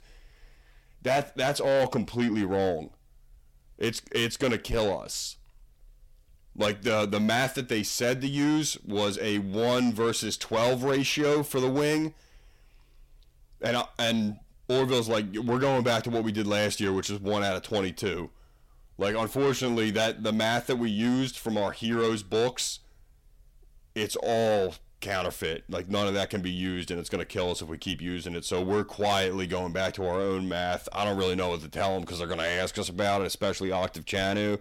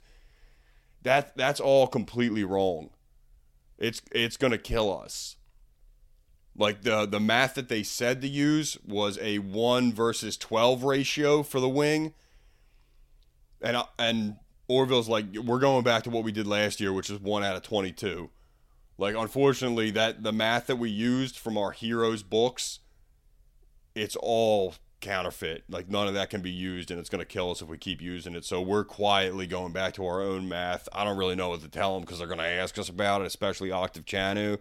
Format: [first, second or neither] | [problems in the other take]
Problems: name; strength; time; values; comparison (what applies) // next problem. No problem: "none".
second | distortion; slight; 10 dB below the speech